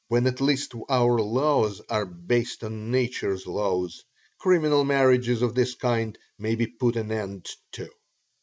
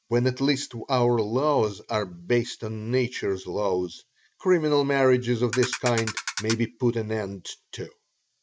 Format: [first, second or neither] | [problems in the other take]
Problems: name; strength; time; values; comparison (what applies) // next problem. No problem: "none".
first | background sound (Ratchet, pawl); 7 dB below the speech